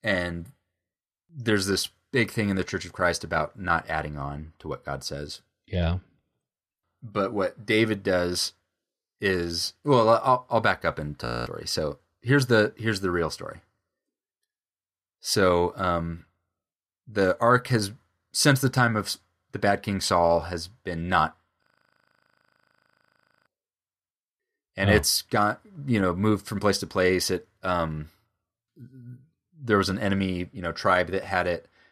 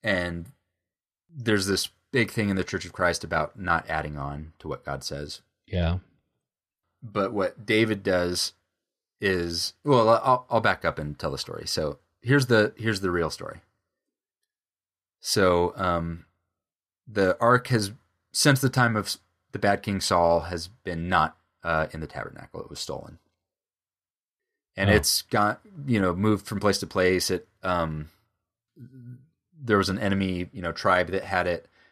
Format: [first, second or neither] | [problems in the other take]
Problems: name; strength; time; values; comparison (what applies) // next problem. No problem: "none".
second | audio freezing; at 11 s and at 22 s for 2 s